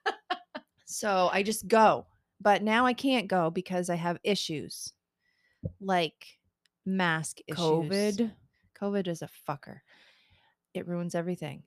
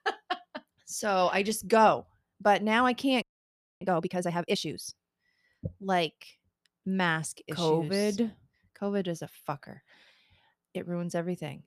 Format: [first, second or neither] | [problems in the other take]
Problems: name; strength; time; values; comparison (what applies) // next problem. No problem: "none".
first | audio freezing; at 3 s for 0.5 s